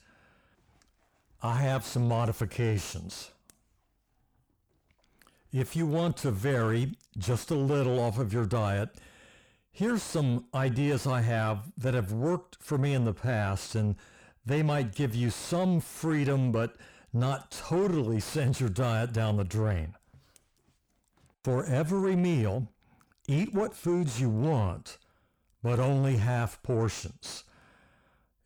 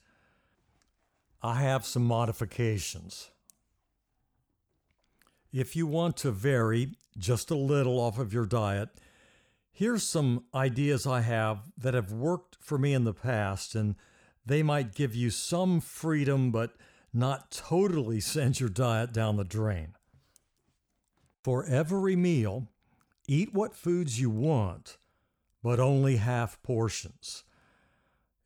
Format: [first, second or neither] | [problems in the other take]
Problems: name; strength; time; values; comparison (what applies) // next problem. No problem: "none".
second | distortion; slight; 10 dB below the speech